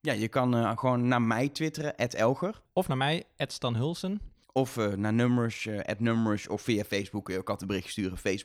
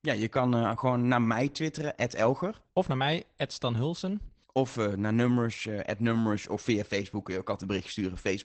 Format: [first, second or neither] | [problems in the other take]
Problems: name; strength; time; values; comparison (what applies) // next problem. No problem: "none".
first | garbled, watery; badly; nothing above 8 kHz